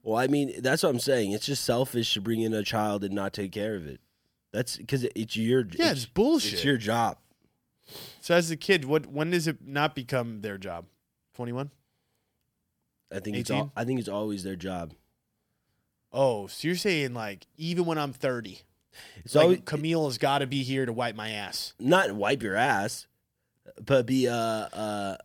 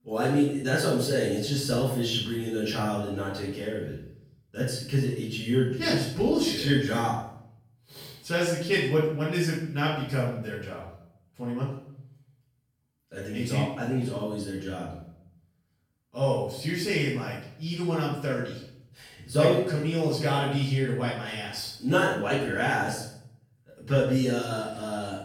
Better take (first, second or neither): first